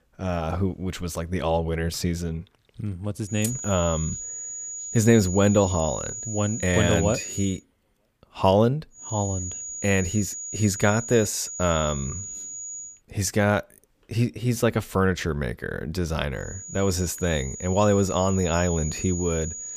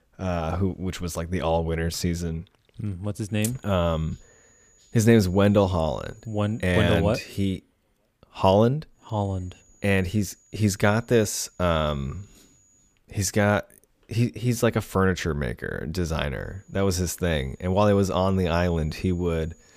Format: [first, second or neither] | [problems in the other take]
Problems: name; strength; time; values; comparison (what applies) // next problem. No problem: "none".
second | high-pitched whine; loud; from 3.5 to 7.5 s, from 9 to 13 s and from 16 s on; 7 kHz, 8 dB below the speech; faint in the second